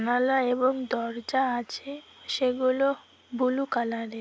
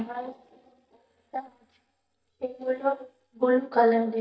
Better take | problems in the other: first | noise reduction (neural mask model DeepFilterNet 3)

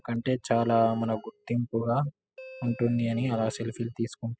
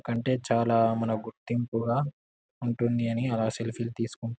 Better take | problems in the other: second | noise reduction (classical method spectral subtraction)

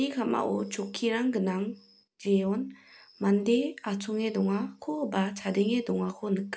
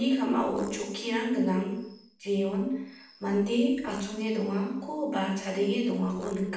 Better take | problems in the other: first | background sound (Fart); 16 dB below the speech // room echo; dies away in 0.7 s

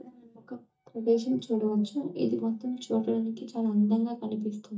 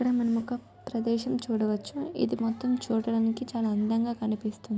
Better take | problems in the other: second | noise reduction (neural mask model DeepFilterNet 3)

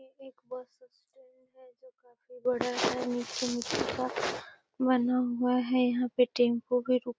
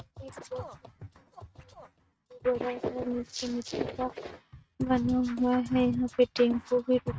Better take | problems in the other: first | noise reduction (neural mask model RNNoise)

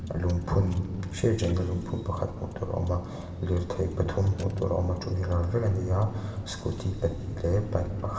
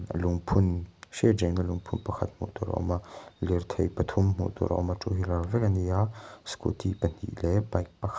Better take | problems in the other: second | background sound (Car); 13 dB below the speech // room echo; dies away in 2.4 s

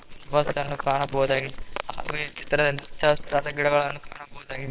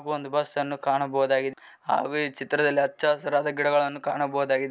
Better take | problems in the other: second | noise reduction (neural separator model SepFormer WHAMR!)

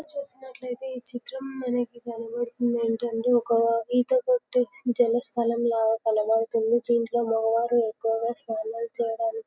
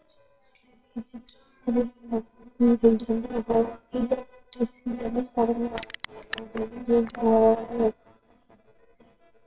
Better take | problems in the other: first | noise reduction (neural separator model SepFormer WHAMR!)

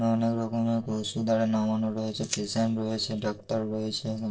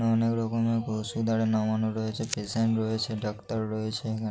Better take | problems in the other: second | noise reduction (neural separator model SepFormer DNS4)

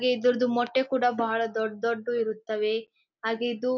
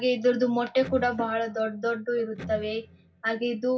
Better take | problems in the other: first | background sound (Electric guitar); 17 dB below the speech // room echo; dies away in 0.4 s

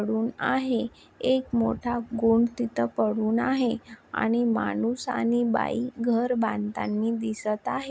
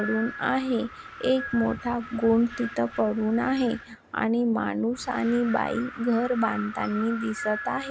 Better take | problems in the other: first | background sound (Wind); 13 dB below the speech

